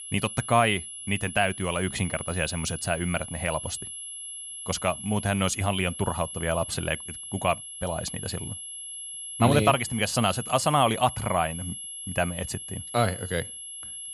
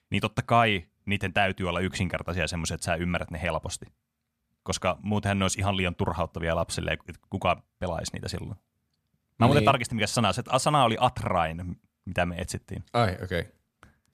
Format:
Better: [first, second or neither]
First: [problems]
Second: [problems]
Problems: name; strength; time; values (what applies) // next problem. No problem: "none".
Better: second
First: high-pitched whine; loud; throughout; 11 kHz, 9 dB below the speech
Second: none